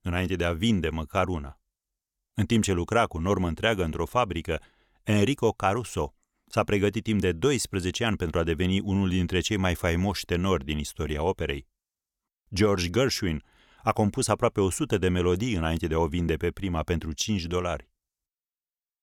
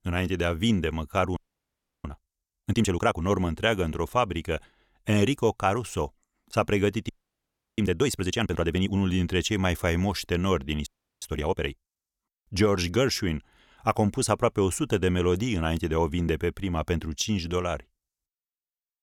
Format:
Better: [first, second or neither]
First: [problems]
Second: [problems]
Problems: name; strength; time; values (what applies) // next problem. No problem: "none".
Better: first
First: none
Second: audio freezing; at 1.5 s for 0.5 s, at 7 s for 0.5 s and at 11 s